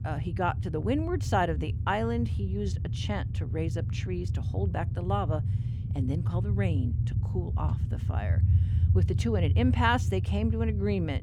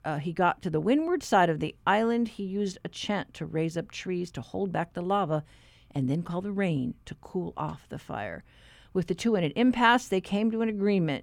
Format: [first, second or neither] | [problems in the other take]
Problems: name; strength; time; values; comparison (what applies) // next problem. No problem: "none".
second | low rumble; noticeable; throughout; 10 dB below the speech